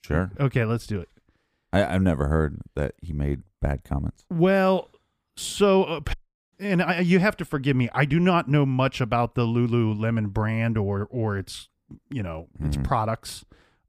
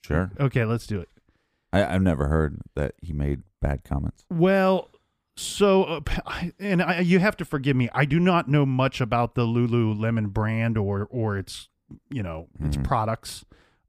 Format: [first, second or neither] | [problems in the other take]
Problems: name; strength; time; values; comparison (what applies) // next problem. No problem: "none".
second | audio cutting out; at 6 s